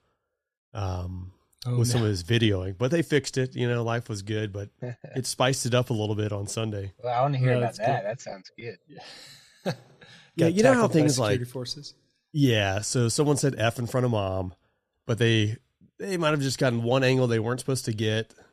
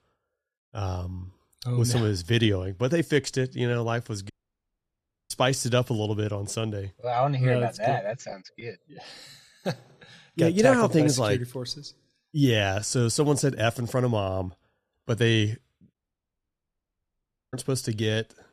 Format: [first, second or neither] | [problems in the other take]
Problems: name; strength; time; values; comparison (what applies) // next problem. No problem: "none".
first | audio cutting out; at 4.5 s for 1 s and at 16 s for 1.5 s